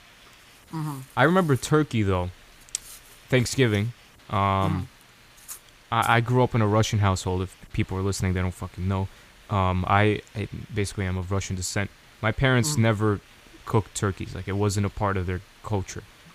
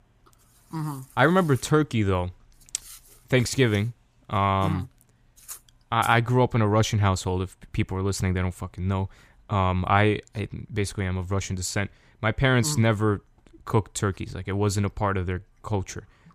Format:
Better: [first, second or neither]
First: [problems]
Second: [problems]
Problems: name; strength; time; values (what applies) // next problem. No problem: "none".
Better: second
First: hiss; faint; throughout; 25 dB below the speech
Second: none